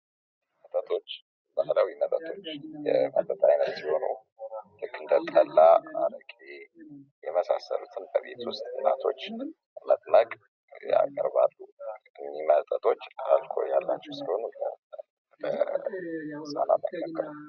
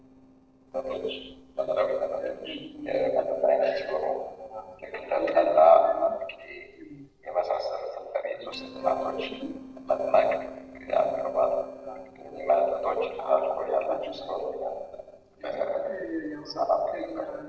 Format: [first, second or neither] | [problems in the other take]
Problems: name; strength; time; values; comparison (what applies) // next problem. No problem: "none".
first | noise reduction (neural separator model SepFormer DNS4)